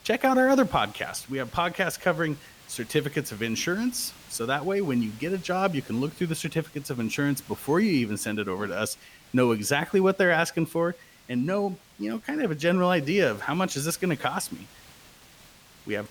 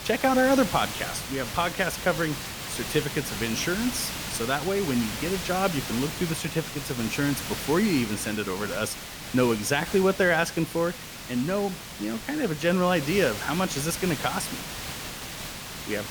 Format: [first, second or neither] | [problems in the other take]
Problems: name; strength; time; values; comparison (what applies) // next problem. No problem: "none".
first | hiss; loud; throughout; 7 dB below the speech; faint in the first